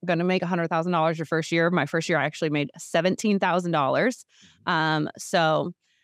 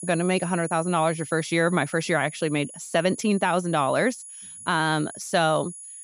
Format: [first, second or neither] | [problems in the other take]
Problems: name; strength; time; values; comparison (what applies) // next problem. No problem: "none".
first | high-pitched whine; noticeable; throughout; 10 kHz, 15 dB below the speech